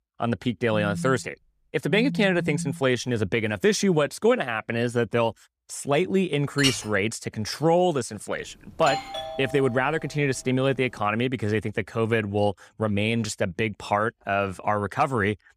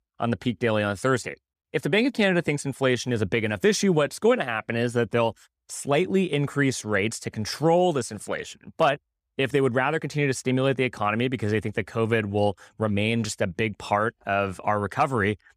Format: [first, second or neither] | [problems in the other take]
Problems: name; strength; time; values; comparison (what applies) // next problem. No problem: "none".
second | phone ringing; noticeable; from 0.5 to 3 s; peak 6 dB below the speech // clattering dishes; noticeable; at 6.5 s; peak 1 dB below the speech // doorbell; noticeable; from 9 to 10 s; peak 5 dB below the speech